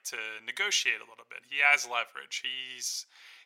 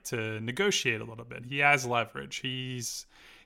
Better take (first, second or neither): second